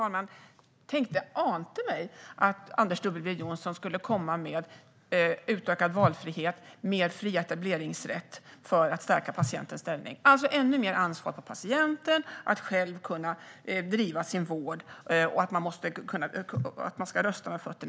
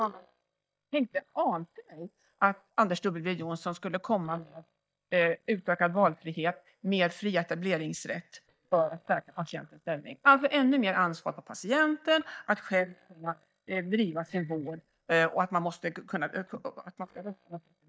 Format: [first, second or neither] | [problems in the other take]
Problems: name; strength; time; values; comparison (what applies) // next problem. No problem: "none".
first | noise reduction (neural mask model DeepFilterNet 3)